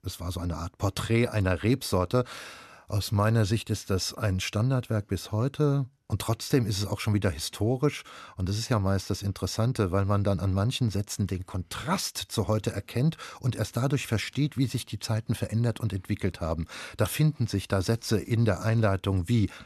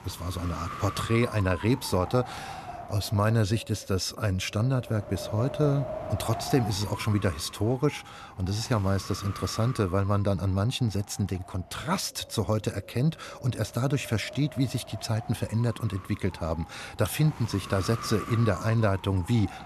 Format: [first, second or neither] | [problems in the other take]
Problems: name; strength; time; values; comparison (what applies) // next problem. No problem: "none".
first | wind noise on the microphone; heavy; 7 dB below the speech